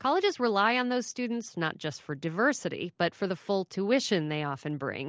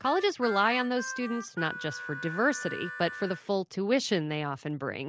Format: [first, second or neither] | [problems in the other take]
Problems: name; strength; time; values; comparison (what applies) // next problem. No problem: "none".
first | background sound (Harmonica); 10 dB below the speech